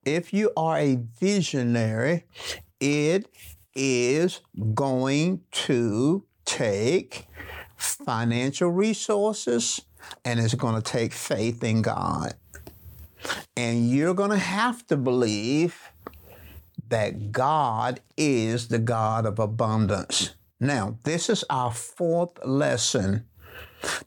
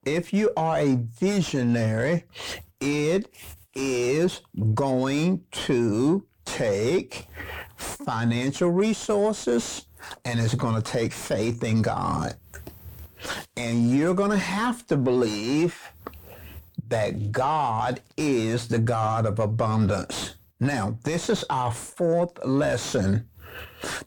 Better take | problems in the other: first | distortion; slight; 9 dB below the speech

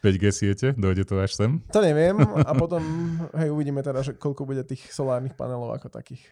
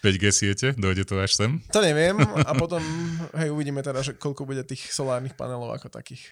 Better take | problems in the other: second | muffled; slightly; fading above 1.5 kHz

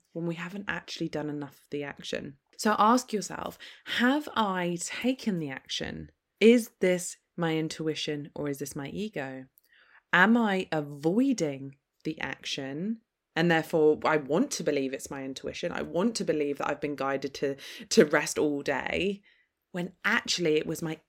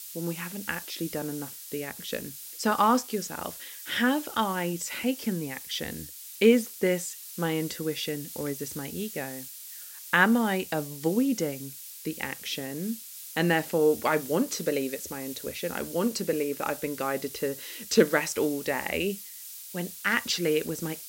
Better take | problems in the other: first | hiss; noticeable; throughout; 10 dB below the speech

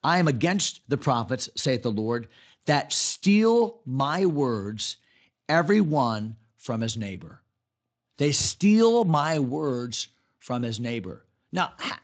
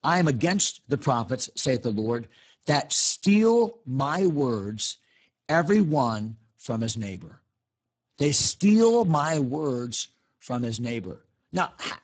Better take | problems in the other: first | garbled, watery; badly; nothing above 7.5 kHz; slightly in the first

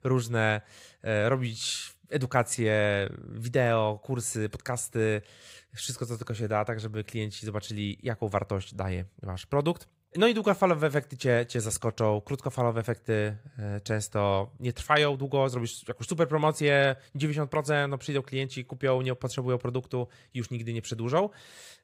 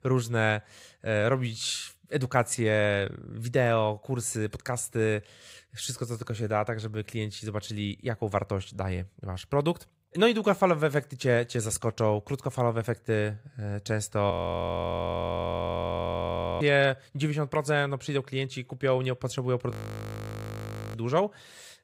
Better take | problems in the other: first | audio freezing; at 14 s for 2.5 s and at 20 s for 1 s

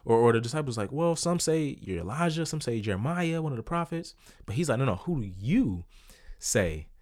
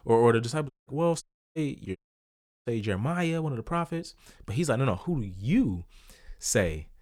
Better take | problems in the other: first | audio cutting out; at 0.5 s, at 1 s and at 2 s for 0.5 s

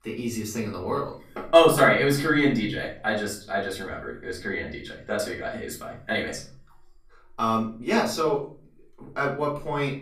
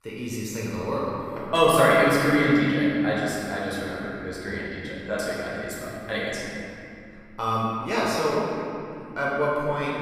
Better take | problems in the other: first | room echo; strong; dies away in 2.6 s; slight in the first // off-mic speech; far; far in the first

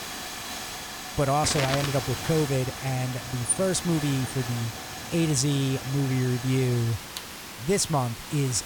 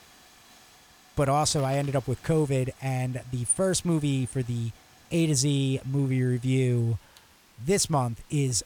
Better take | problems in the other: second | hiss; loud; throughout; 7 dB below the speech; faint in the second

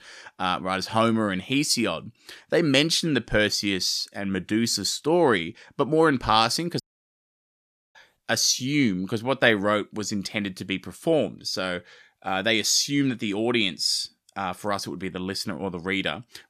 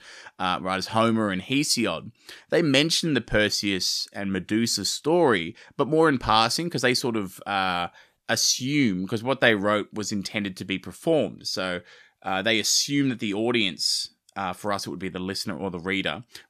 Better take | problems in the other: second | audio cutting out; at 7 s for 1 s

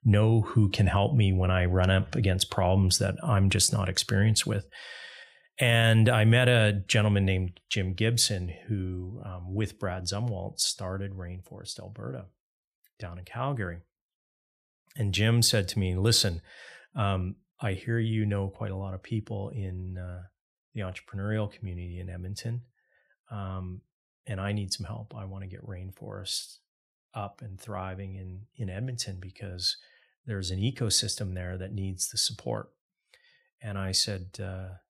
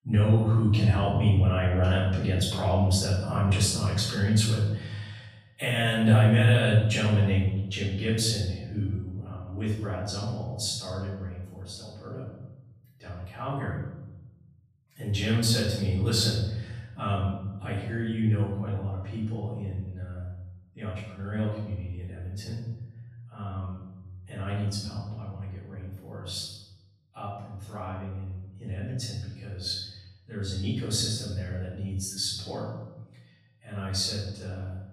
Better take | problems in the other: first | off-mic speech; far // room echo; noticeable; dies away in 1 s

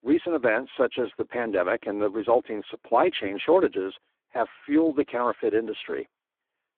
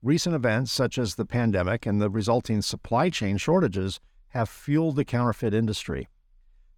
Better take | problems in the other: second | phone-call audio; poor line; nothing above 3.5 kHz

